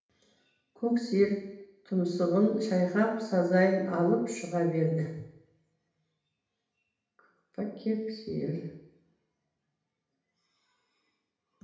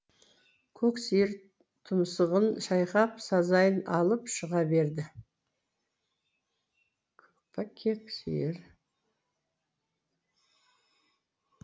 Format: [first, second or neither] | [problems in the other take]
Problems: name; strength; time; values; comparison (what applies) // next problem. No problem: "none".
second | room echo; dies away in 0.8 s